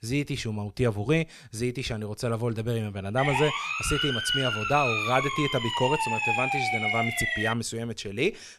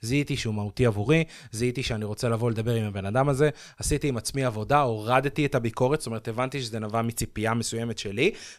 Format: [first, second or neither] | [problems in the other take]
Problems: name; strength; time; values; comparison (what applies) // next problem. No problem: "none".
second | siren; loud; from 3 to 7.5 s; peak 4 dB above the speech